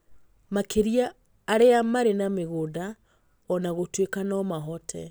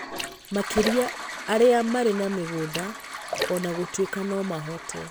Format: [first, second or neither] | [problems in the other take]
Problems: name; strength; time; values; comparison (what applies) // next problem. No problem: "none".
first | background sound (Toilet flush + Splash, splatter); 8 dB below the speech